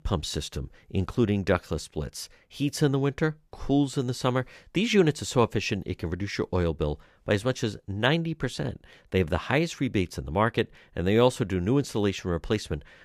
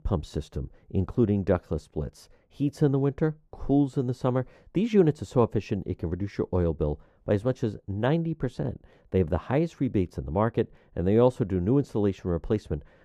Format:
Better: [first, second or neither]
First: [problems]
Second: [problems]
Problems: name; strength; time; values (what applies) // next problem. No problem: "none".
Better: first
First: none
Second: muffled; slightly; fading above 1.5 kHz